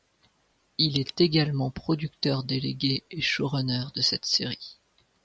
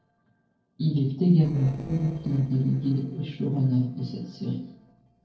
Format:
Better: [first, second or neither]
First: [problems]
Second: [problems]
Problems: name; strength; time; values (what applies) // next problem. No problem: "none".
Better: first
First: none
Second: noise reduction (neural separator model SepFormer DNS4)